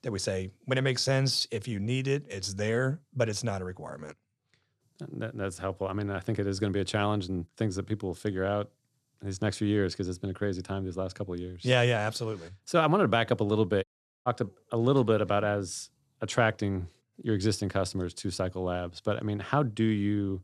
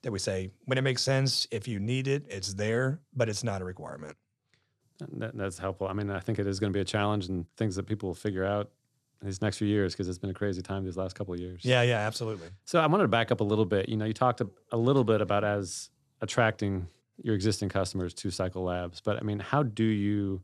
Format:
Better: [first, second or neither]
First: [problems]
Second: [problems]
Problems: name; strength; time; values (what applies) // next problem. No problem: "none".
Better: second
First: audio cutting out; at 14 s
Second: none